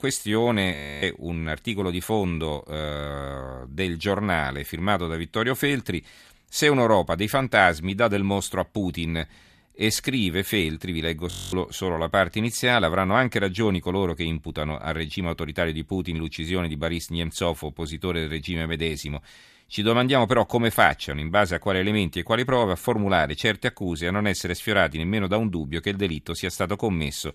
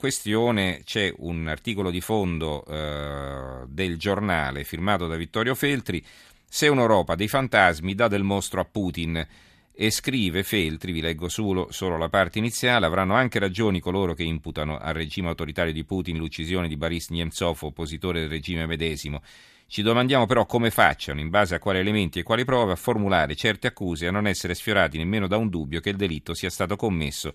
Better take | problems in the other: second | audio freezing; at 1 s and at 11 s

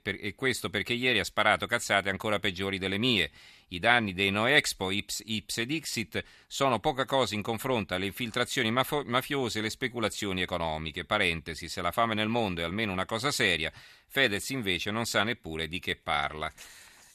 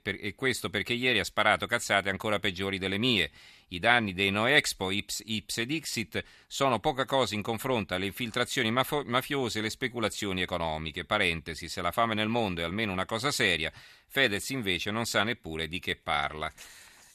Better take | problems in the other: neither | none

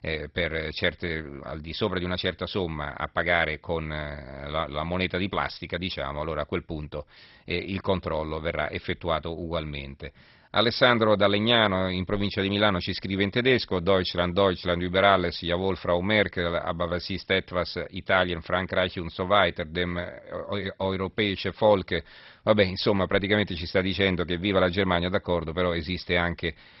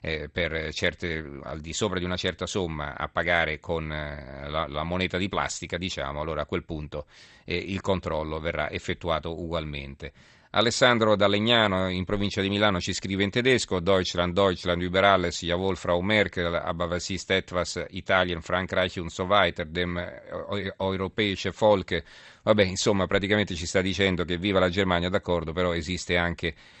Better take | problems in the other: second | garbled, watery; badly; nothing above 5.5 kHz; slightly in the second

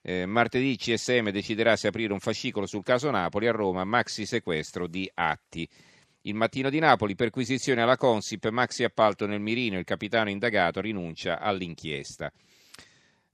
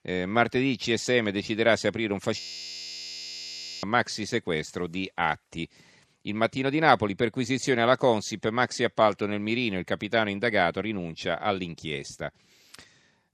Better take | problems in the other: first | audio freezing; at 2.5 s for 1.5 s

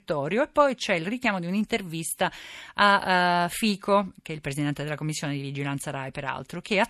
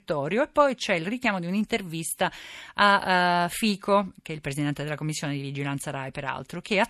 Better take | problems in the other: neither | none

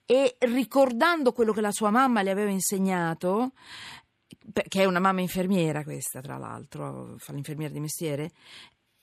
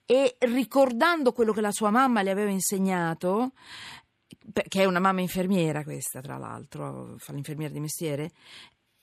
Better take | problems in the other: neither | none

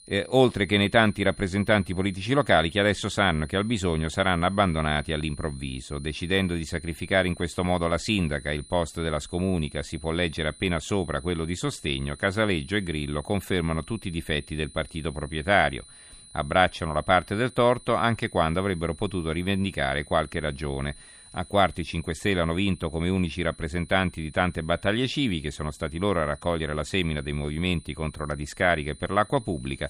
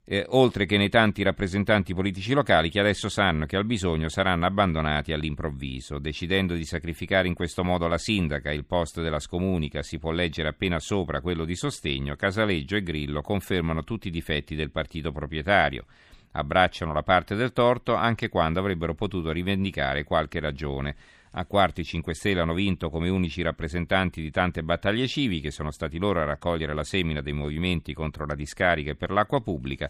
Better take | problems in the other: second | high-pitched whine; faint; throughout; 9.5 kHz, 20 dB below the speech

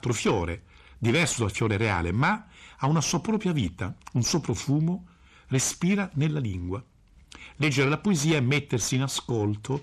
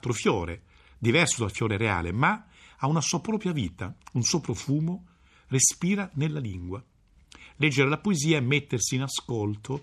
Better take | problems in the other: second | distortion; slight; 10 dB below the speech

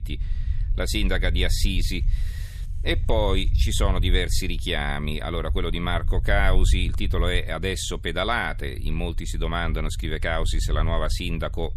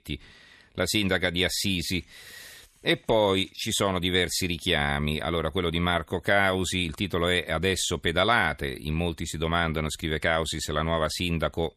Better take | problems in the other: second | low rumble; faint; throughout; 20 dB below the speech

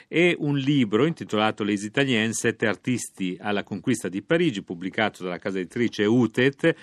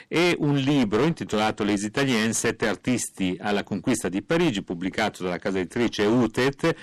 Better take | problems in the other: first | distortion; heavy; 16% of the sound clipped

